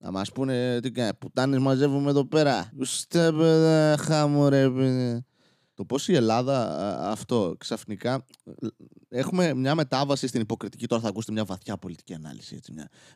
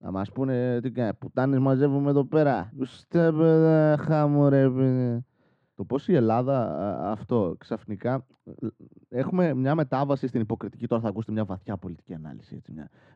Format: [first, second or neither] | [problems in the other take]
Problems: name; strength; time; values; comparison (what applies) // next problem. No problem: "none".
first | muffled; very; fading above 1.5 kHz